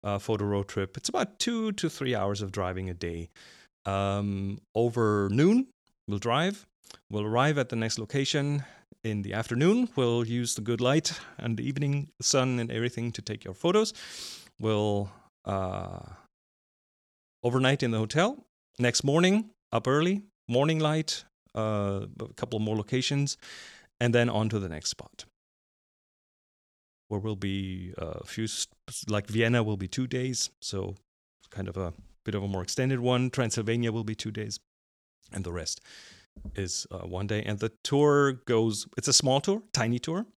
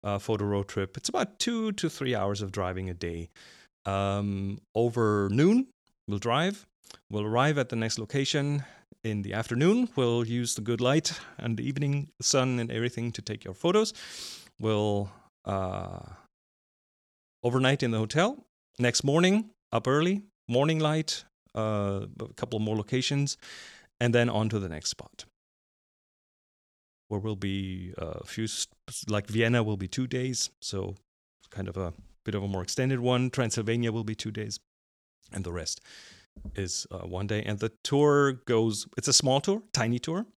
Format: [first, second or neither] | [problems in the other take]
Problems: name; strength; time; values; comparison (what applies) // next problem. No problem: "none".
neither | audio cutting out; at 25 s for 1.5 s; the same in both